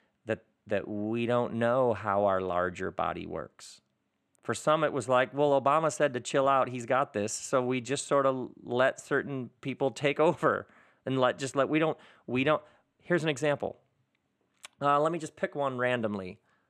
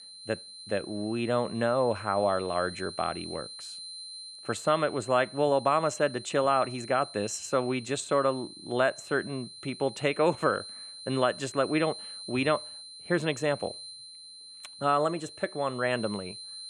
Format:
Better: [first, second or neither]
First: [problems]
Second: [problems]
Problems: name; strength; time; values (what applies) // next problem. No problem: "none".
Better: first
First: none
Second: high-pitched whine; noticeable; throughout; 4 kHz, 15 dB below the speech